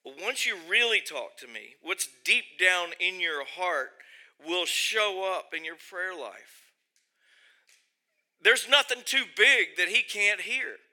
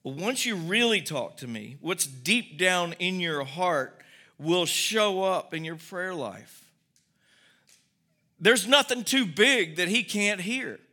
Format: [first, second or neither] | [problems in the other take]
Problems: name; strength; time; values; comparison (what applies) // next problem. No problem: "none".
second | thin; very; fading below 400 Hz